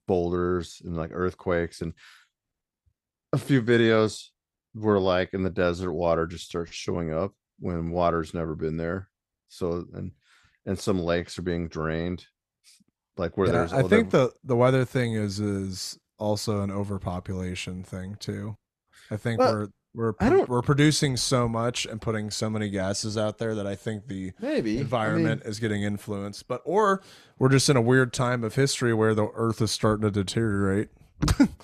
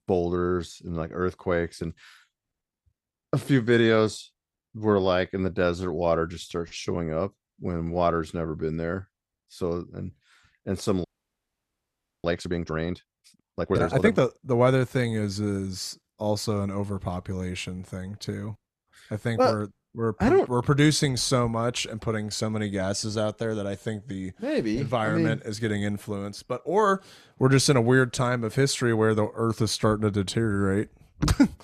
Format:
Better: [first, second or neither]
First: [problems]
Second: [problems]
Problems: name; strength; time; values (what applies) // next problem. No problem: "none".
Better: first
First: none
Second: audio freezing; at 11 s for 1 s